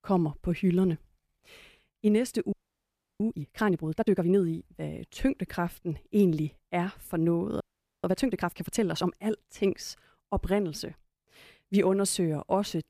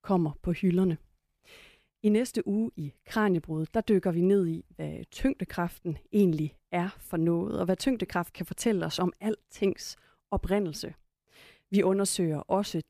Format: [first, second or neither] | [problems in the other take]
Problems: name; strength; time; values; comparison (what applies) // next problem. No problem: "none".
second | audio freezing; at 2.5 s for 0.5 s and at 7.5 s